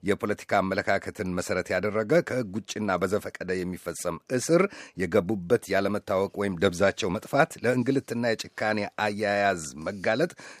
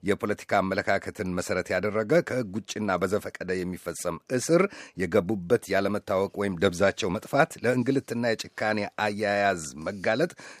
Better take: neither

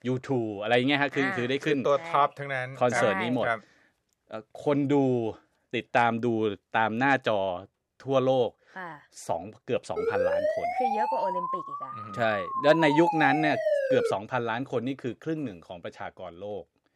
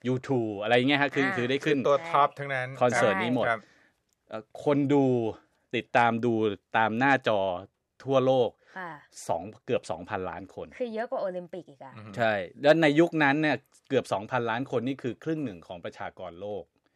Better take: second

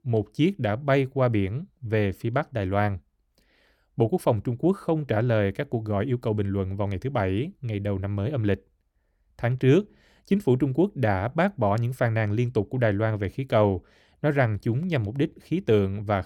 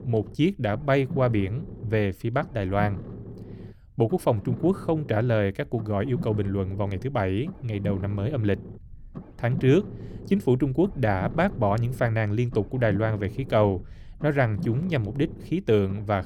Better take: first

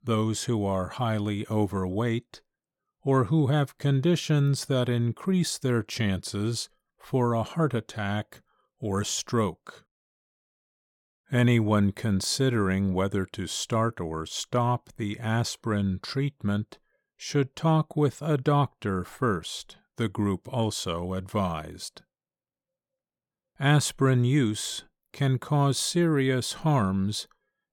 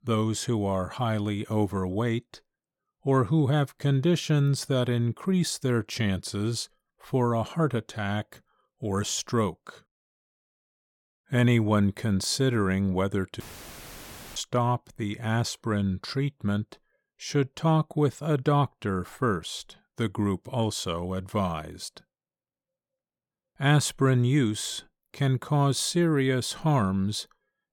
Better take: first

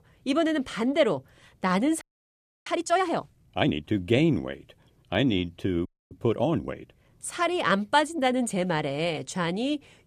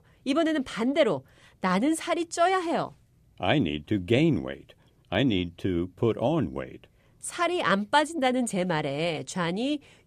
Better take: second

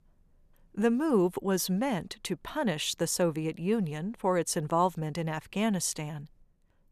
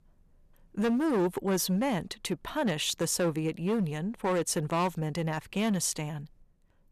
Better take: first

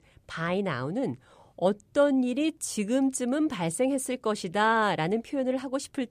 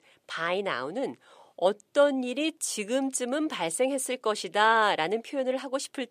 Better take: first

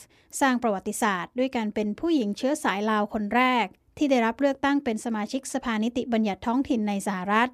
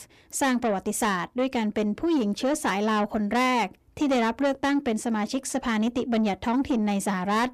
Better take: first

